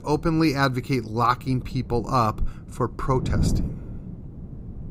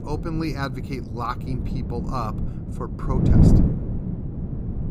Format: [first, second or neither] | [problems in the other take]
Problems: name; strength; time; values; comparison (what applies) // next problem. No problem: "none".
first | wind noise on the microphone; heavy; 2 dB below the speech; occasional gusts in the first